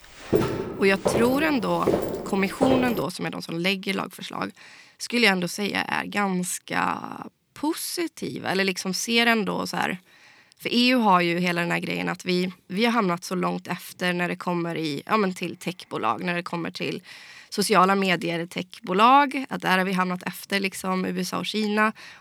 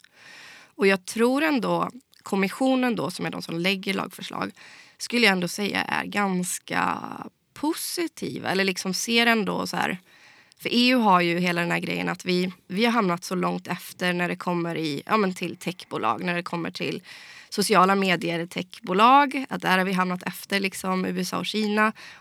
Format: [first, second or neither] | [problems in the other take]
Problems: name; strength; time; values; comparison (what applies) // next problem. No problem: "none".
second | footsteps; loud; until 3 s; peak level with the speech